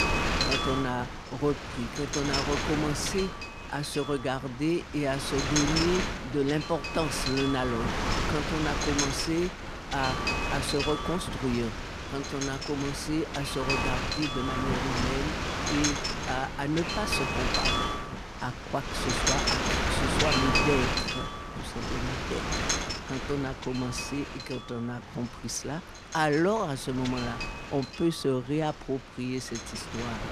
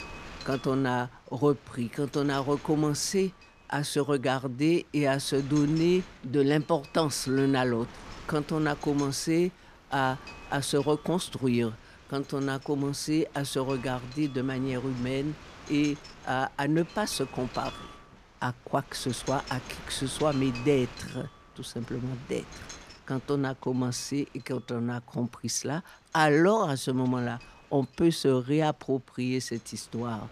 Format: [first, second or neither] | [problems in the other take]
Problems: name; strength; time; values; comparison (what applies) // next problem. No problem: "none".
second | wind noise on the microphone; heavy; 3 dB above the speech; occasional gusts in the second